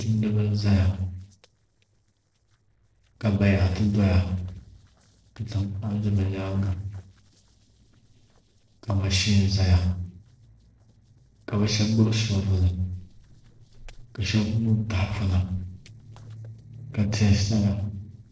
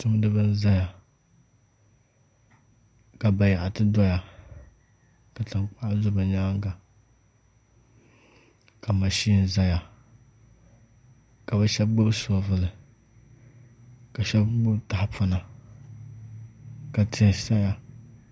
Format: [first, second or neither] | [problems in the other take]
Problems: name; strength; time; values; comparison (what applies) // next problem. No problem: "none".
second | noise reduction (neural separator model SepFormer DNS4)